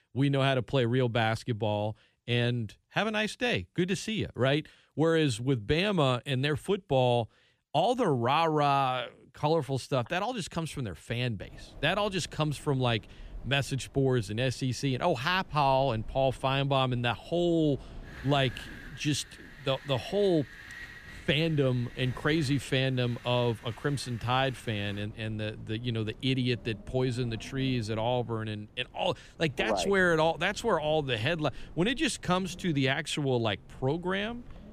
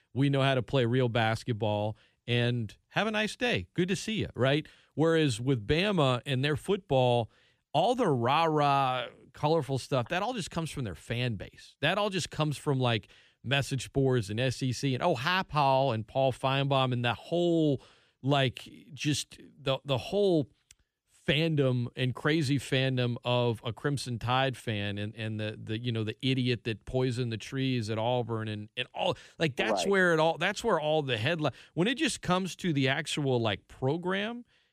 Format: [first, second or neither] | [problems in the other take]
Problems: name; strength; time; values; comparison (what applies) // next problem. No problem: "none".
second | wind in the background; faint; from 11 s on; 20 dB below the speech